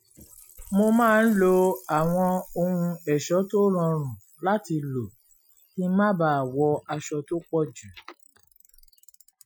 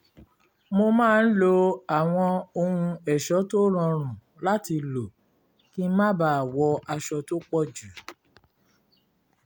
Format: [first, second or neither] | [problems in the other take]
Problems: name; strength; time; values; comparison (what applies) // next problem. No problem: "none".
second | noise reduction (classical method Wiener filter)